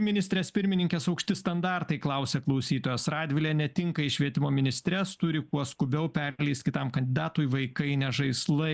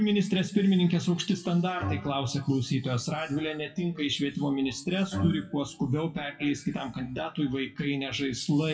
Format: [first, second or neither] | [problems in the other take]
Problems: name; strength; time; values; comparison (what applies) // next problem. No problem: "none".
first | noise reduction (classical method WPE with log-MMSE)